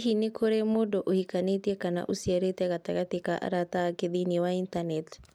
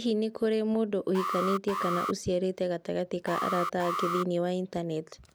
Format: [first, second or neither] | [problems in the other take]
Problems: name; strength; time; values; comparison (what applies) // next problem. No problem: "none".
first | background sound (Alarm); 5 dB below the speech